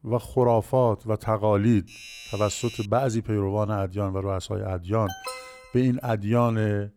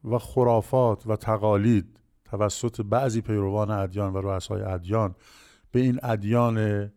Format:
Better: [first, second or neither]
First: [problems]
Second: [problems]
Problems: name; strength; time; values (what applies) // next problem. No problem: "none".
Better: second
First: doorbell; faint; from 2 to 3 s; peak 15 dB below the speech // alarm; faint; at 5 s; peak 10 dB below the speech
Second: none